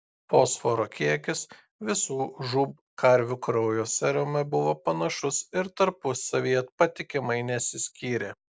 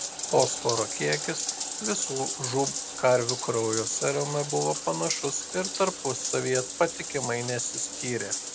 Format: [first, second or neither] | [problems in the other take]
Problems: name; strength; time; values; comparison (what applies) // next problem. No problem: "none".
first | background sound (Bathtub (filling or washing)); 4 dB below the speech